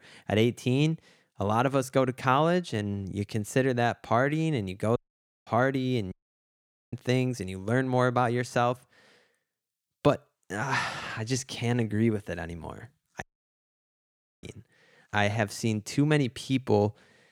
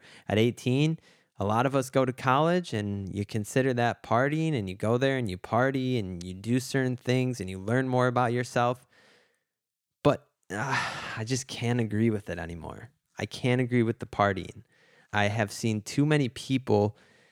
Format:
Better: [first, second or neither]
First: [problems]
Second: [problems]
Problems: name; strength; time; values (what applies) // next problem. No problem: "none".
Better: second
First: audio cutting out; at 5 s for 0.5 s, at 6 s for 1 s and at 13 s for 1 s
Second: none